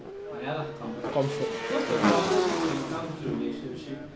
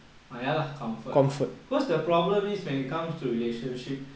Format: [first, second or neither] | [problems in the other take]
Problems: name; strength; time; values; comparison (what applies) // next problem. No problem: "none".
second | background sound (Motorcycle / Engine); 2 dB above the speech